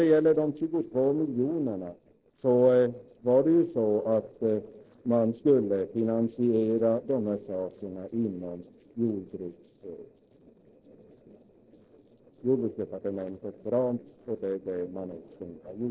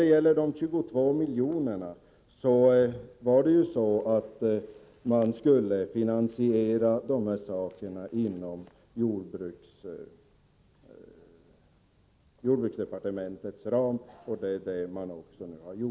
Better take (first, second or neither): second